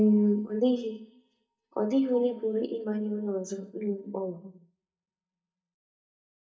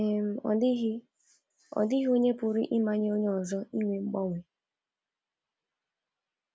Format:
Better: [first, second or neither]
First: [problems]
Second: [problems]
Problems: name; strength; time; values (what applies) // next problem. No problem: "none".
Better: second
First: noise reduction (neural mask model DeepFilterNet 3)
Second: none